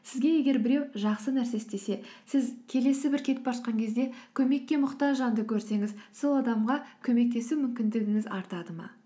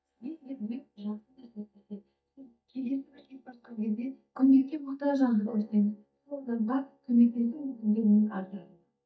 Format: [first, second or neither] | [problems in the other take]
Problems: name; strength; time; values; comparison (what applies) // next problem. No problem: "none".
first | noise reduction (neural mask model DeepFilterNet 3)